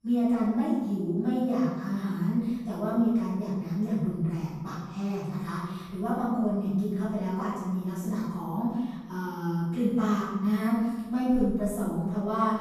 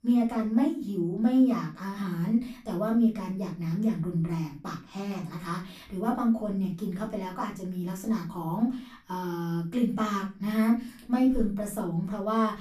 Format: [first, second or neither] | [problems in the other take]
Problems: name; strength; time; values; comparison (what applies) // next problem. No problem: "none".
second | room echo; strong; dies away in 1.1 s; slight in the second // off-mic speech; far; far in the second